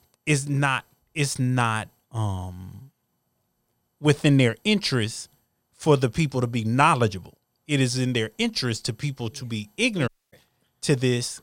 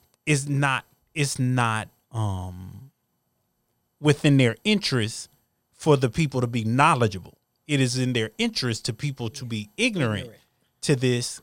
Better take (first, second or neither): second